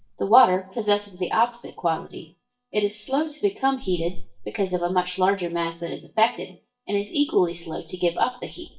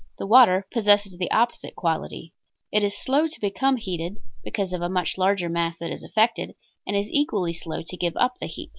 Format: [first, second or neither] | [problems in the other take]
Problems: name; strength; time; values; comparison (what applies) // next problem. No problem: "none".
second | noise reduction (neural mask model DeepFilterNet 3)